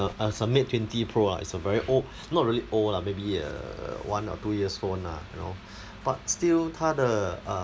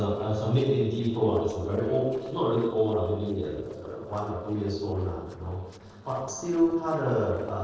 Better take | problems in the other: first | noise reduction (neural separator model SepFormer DNS4)

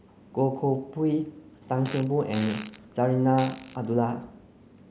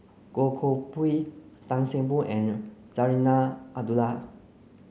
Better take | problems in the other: second | background sound (Fart); 17 dB below the speech

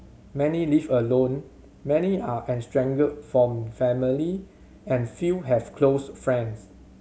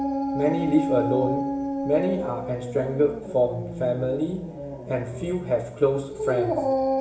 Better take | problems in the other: first | background sound (Dog); 3 dB below the speech // room echo; dies away in 0.7 s

